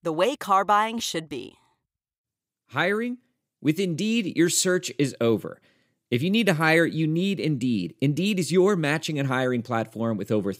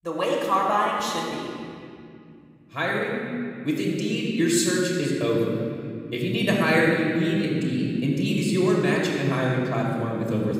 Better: first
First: none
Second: off-mic speech; far // room echo; noticeable; dies away in 2.5 s

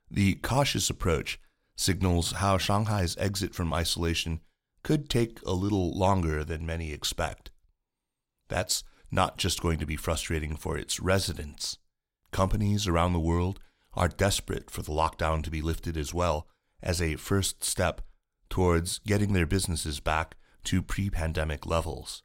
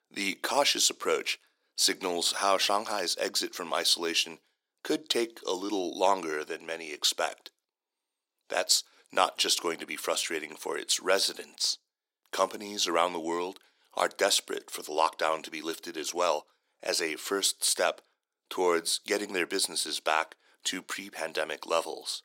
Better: first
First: none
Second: thin; very; fading below 350 Hz

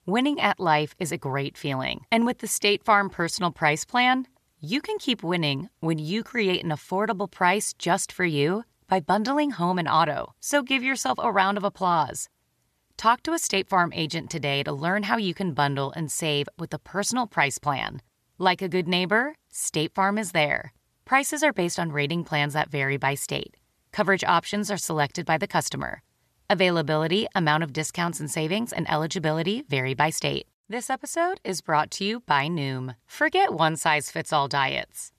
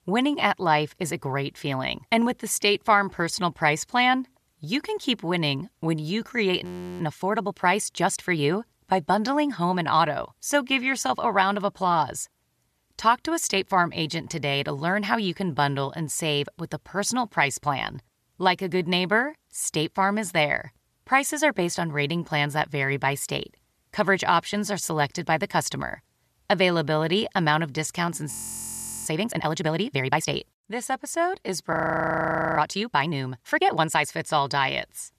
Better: first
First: none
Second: audio freezing; at 6.5 s, at 28 s for 0.5 s and at 32 s for 1 s

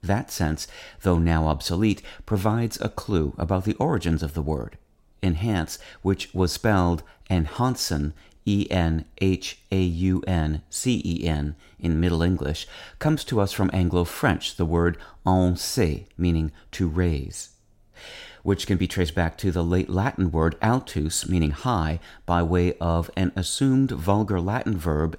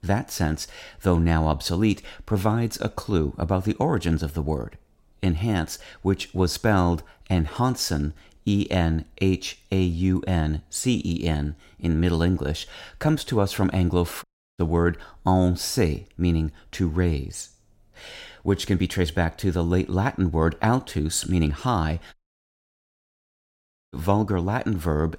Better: first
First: none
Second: audio cutting out; at 14 s and at 22 s for 2 s

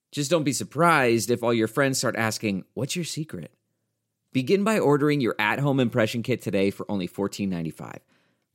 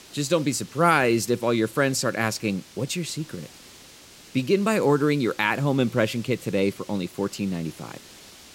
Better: first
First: none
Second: hiss; faint; throughout; 20 dB below the speech

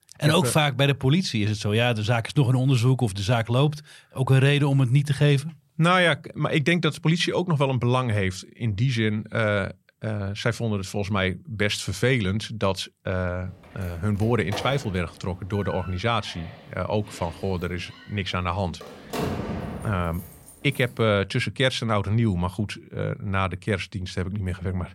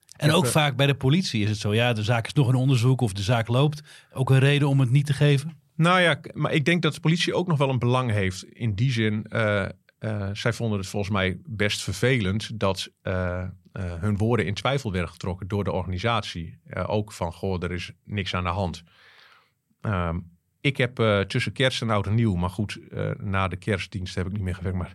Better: second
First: door banging; noticeable; from 14 to 21 s; peak 4 dB below the speech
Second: none

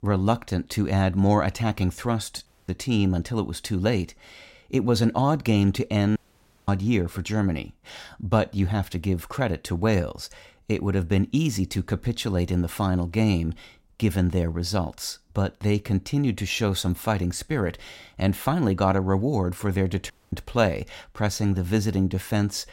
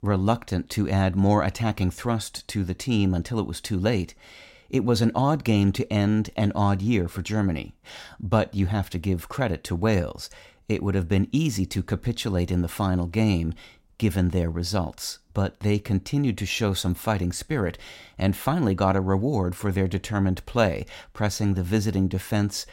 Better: second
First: audio cutting out; at 2.5 s, at 6 s for 0.5 s and at 20 s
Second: none

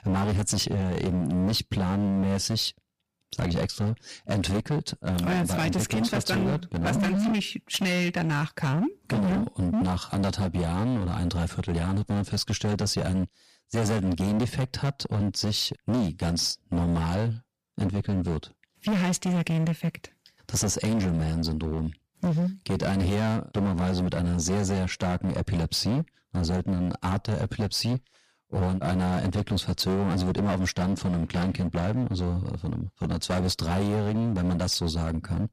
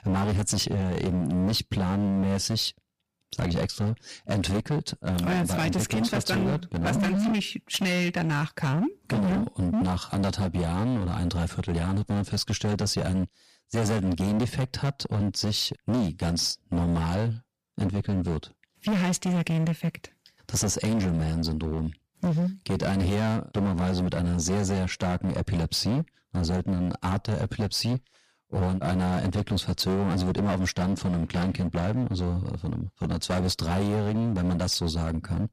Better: neither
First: distortion; heavy; 23% of the sound clipped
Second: distortion; heavy; 23% of the sound clipped

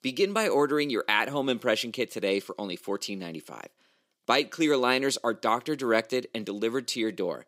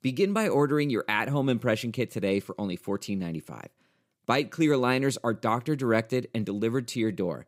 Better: second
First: thin; very slightly; fading below 300 Hz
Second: none

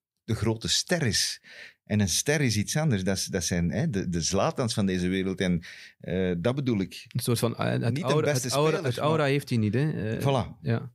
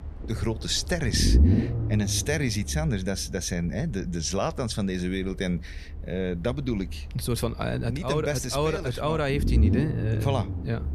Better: first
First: none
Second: low rumble; loud; throughout; 7 dB below the speech

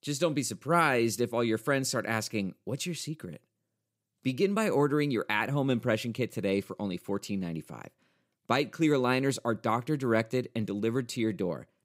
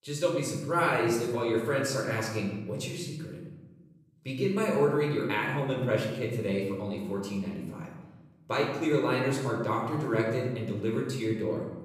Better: first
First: none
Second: off-mic speech; far // room echo; noticeable; dies away in 1 s

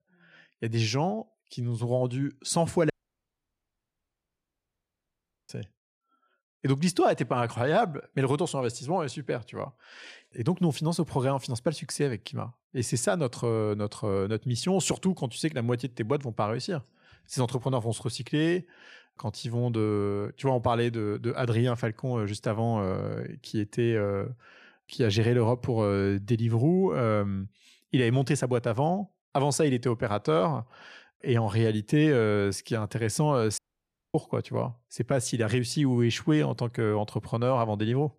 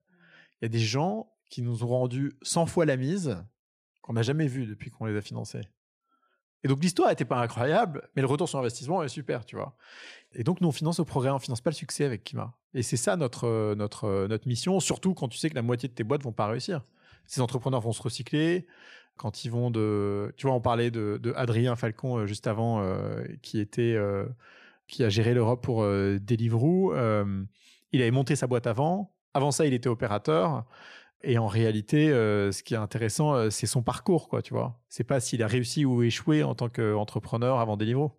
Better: second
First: audio cutting out; at 3 s for 2.5 s and at 34 s for 0.5 s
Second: none

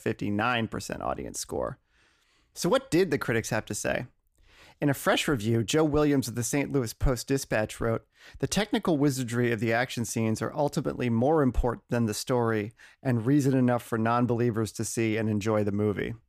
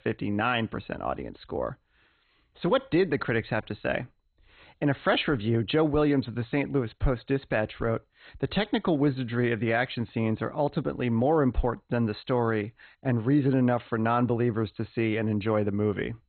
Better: first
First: none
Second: garbled, watery; badly; nothing above 4 kHz

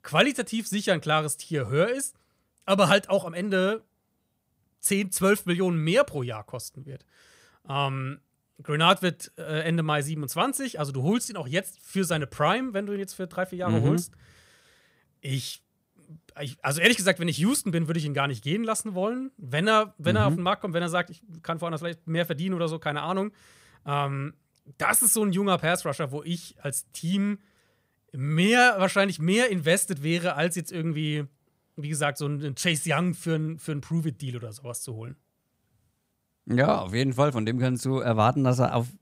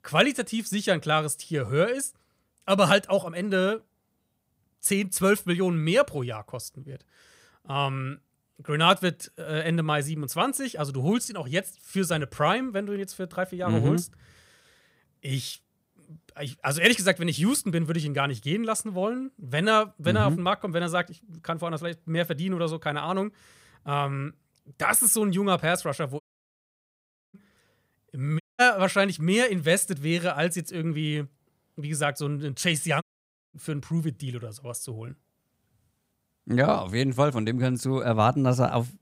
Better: first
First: none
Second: audio cutting out; at 26 s for 1 s, at 28 s and at 33 s for 0.5 s

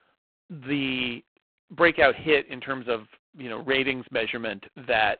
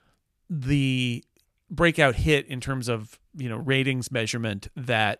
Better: second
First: phone-call audio; poor line; nothing above 4 kHz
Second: none

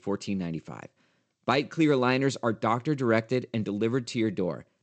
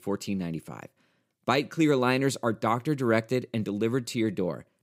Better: second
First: garbled, watery; slightly; nothing above 8 kHz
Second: none

